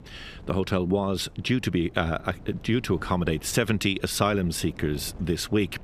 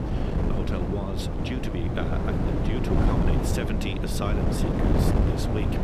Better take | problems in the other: first | wind noise on the microphone; heavy; 3 dB above the speech; occasional gusts in the first

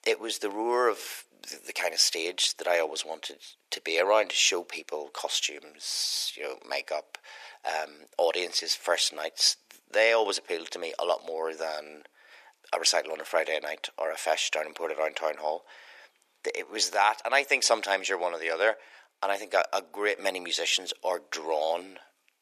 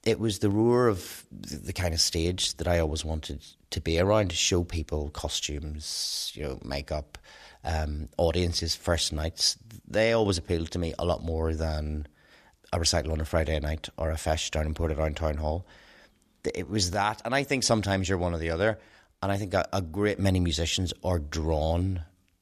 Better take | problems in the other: second | thin; very; fading below 450 Hz

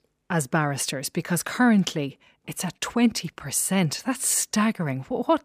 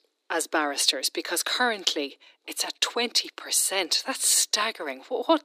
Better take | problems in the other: first | thin; very; fading below 300 Hz

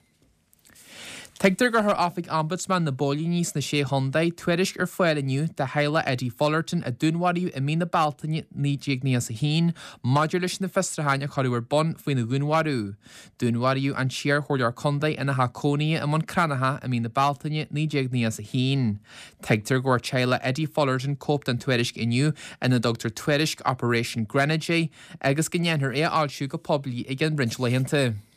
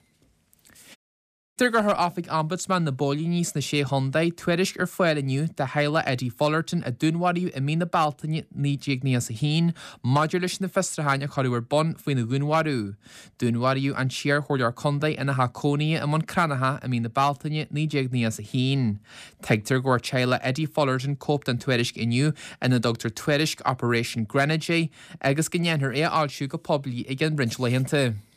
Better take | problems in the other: first | audio cutting out; at 1 s for 0.5 s

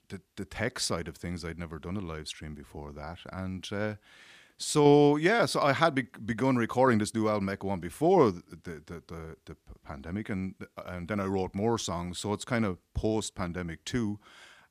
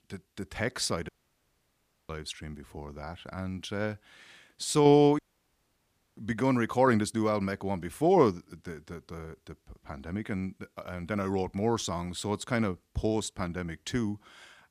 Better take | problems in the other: first | audio cutting out; at 1 s for 1 s and at 5 s for 1 s

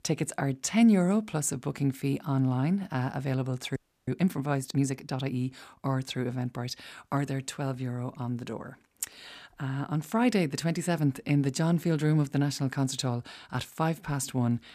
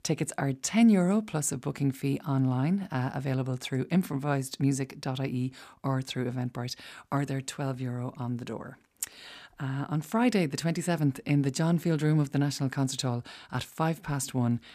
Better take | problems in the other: second | audio freezing; at 4 s

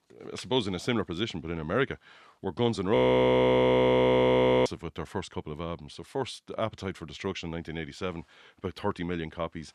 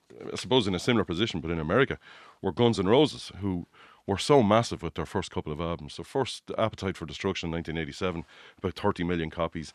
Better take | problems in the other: second | audio freezing; at 3 s for 1.5 s

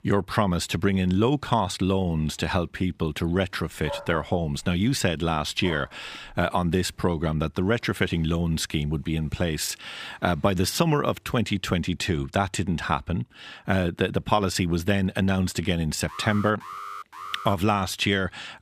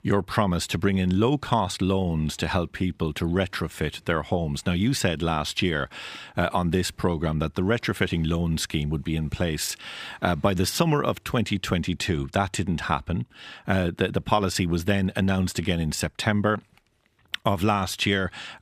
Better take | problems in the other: second | dog barking; noticeable; from 4 to 6.5 s; peak 10 dB below the speech // alarm; faint; from 16 to 18 s; peak 10 dB below the speech

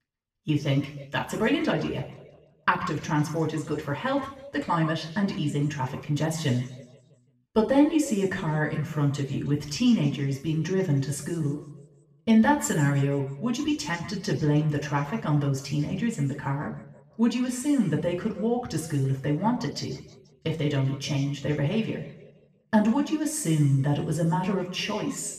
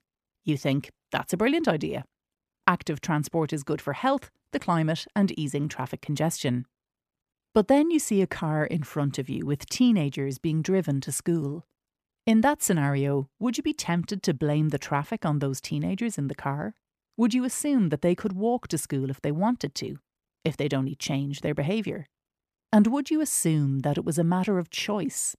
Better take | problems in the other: second | room echo; noticeable; dies away in 1 s // off-mic speech; far

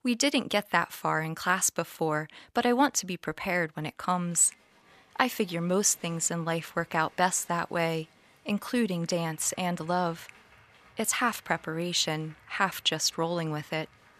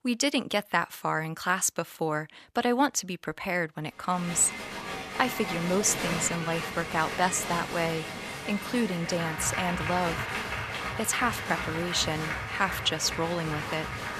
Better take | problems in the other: first | crowd noise; loud; from 4 s on; 5 dB below the speech; faint in the first

